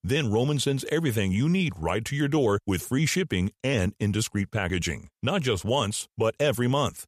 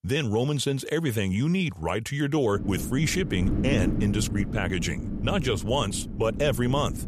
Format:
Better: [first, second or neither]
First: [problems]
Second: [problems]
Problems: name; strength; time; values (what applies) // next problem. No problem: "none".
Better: first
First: none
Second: wind noise on the microphone; heavy; from 2.5 s on; 10 dB below the speech